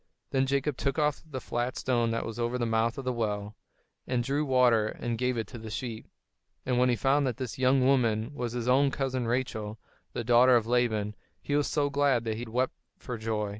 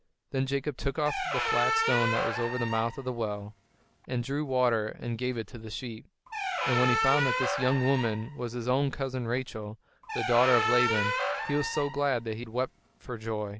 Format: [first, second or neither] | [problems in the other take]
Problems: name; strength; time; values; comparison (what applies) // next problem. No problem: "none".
first | background sound (Squeak); 2 dB below the speech